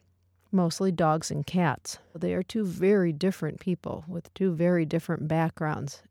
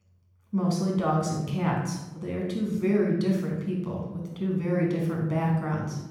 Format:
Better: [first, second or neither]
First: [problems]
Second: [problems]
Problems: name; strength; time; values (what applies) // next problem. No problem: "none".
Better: first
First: none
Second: off-mic speech; far // room echo; noticeable; dies away in 0.9 s